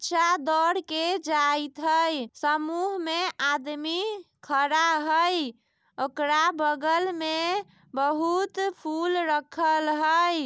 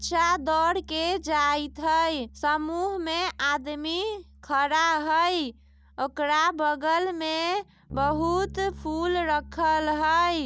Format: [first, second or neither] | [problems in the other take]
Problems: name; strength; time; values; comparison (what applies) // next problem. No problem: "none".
first | background sound (Bass guitar); 19 dB below the speech